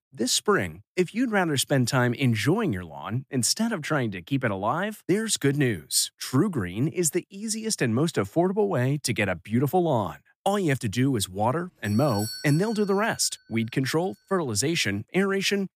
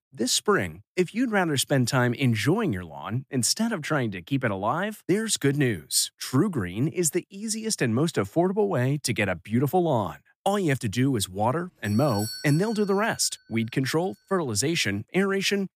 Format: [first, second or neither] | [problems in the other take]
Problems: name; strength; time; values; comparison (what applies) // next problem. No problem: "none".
neither | doorbell; noticeable; from 12 to 13 s; peak 9 dB below the speech; the same in both